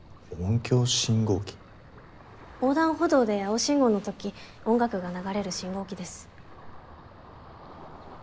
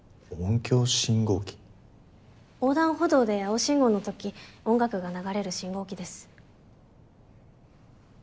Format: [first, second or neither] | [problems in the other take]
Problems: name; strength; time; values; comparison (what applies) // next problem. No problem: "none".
second | background sound (Ocean); 20 dB below the speech